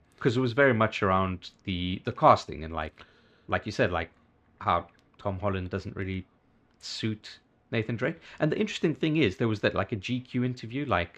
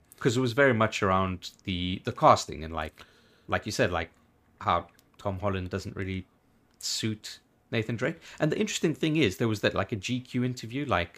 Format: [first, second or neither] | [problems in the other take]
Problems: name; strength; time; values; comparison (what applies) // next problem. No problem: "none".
second | muffled; very slightly; fading above 3.5 kHz